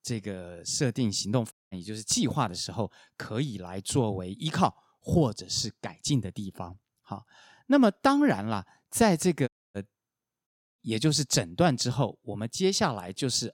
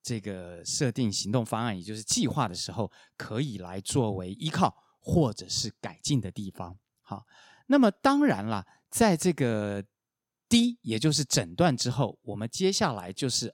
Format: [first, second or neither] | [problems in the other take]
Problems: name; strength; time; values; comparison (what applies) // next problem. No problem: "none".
second | audio cutting out; at 1.5 s, at 9.5 s and at 10 s